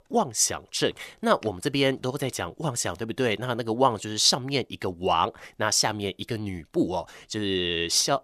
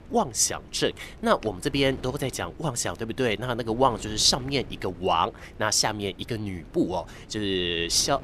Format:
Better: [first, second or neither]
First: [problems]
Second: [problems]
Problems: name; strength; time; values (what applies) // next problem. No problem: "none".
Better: first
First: none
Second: wind noise on the microphone; occasional gusts; 25 dB below the speech